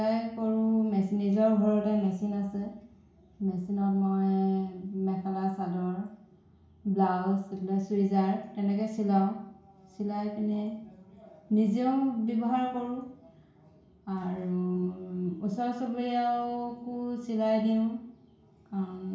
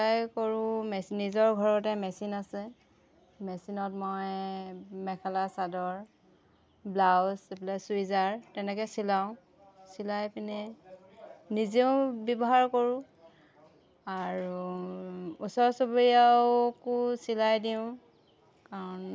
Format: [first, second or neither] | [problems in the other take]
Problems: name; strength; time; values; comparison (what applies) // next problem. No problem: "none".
second | room echo; dies away in 0.6 s